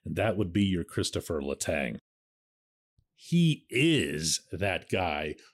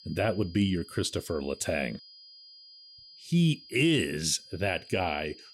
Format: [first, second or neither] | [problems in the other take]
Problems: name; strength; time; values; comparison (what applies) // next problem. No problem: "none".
first | high-pitched whine; faint; throughout; 5 kHz, 20 dB below the speech